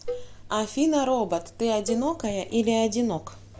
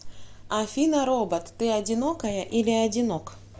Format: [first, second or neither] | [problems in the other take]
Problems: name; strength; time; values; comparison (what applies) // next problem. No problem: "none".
second | background sound (Cowbell); 15 dB below the speech